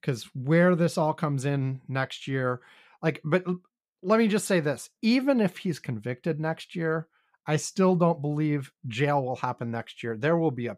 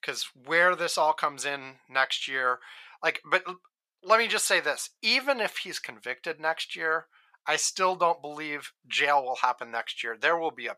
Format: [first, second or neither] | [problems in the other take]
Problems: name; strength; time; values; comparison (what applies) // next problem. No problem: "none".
first | thin; very; fading below 900 Hz